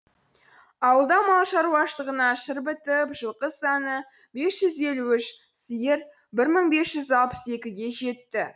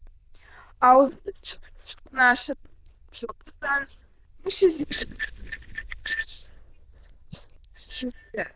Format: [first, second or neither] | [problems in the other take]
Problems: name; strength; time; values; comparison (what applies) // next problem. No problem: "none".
first | noise reduction (neural diffusion model UNIVERSE++)